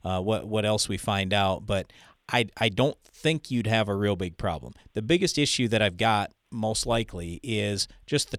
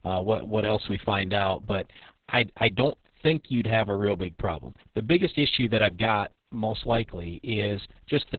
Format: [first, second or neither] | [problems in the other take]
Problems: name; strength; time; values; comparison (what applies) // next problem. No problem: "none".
first | garbled, watery; badly; nothing above 4 kHz